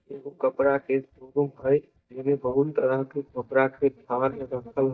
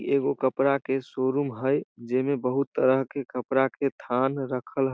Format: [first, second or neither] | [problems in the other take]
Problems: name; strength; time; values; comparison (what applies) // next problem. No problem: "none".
second | noise reduction (neural mask model DeepFilterNet 3)